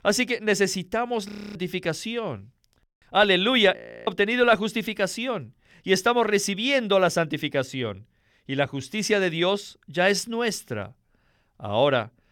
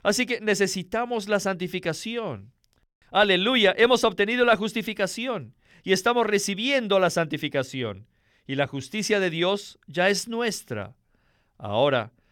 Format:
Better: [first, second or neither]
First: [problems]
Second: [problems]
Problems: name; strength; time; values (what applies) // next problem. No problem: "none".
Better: second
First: audio freezing; at 1.5 s and at 4 s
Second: none